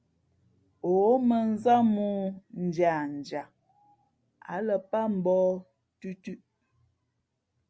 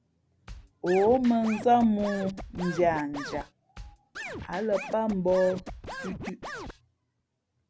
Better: first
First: none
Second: background sound (Scratching (performance technique)); 12 dB below the speech

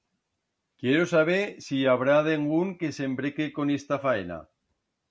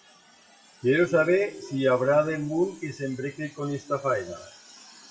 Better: first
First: none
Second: noise reduction (classical method WPE with log-MMSE)

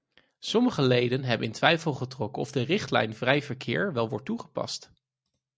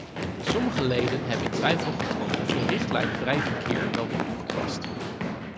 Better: first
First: none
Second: background sound (Run); 2 dB above the speech

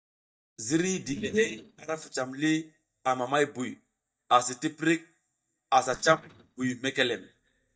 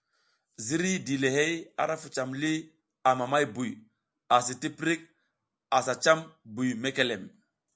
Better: second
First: noise reduction (neural mask model DeepFilterNet 3)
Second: none

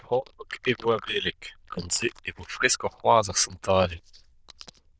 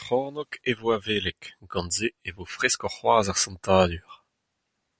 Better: second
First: noise reduction (neural diffusion model UNIVERSE++)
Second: none

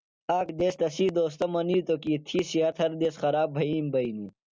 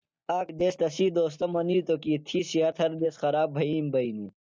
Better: first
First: none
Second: noise reduction (neural mask model DeepFilterNet 3)

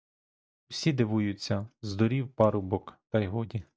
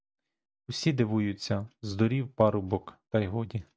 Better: second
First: noise reduction (neural mask model DeepFilterNet 3)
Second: none

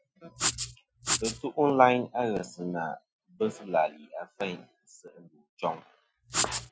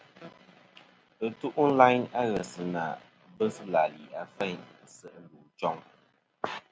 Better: second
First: noise reduction (classical method Wiener filter)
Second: none

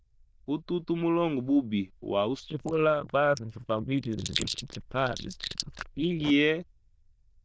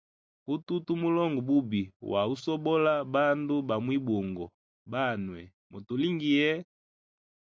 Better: second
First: noise reduction (neural diffusion model UNIVERSE++)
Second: none

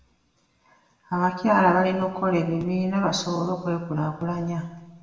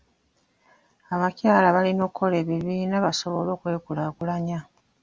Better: second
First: room echo; dies away in 0.9 s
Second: none

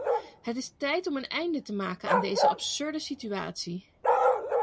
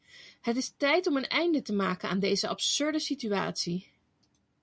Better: second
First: background sound (Bark); 3 dB above the speech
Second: none

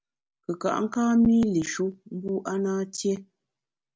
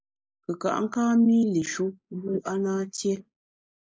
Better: first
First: none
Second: noise reduction (neural mask model Resemble Enhance denoiser)

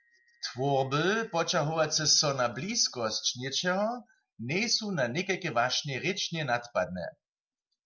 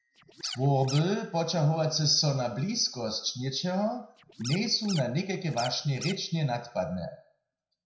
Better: first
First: none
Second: background sound (Scratching (performance technique)); 12 dB below the speech // room echo; dies away in 0.4 s

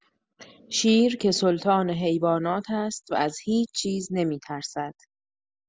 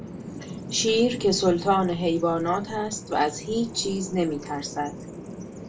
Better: first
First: none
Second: background sound (Bird vocalization, bird call, bird song); 12 dB below the speech // room echo; dies away in 0.2 s

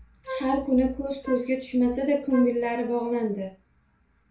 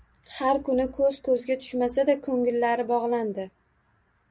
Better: second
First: background sound (Wind instrument, woodwind instrument); 11 dB below the speech // room echo; dies away in 0.3 s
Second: none

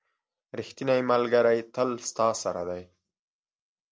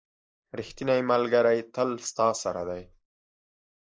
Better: first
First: none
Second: noise reduction (neural mask model Resemble Enhance denoiser)

